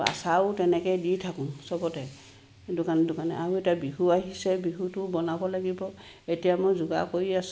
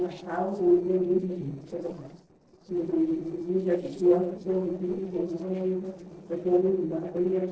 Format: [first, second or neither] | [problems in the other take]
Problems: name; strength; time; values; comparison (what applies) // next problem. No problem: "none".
first | noise reduction (neural separator model SepFormer DNS4)